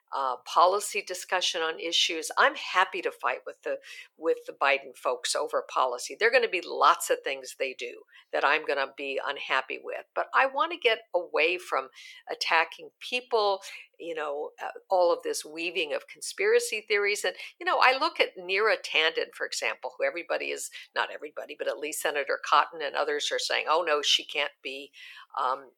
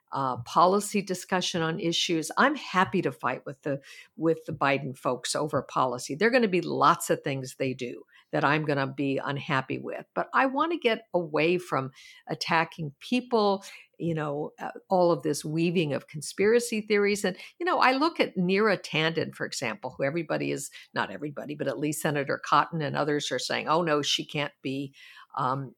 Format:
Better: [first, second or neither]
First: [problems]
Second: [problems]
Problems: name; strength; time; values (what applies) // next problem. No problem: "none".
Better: second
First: thin; very; fading below 450 Hz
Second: none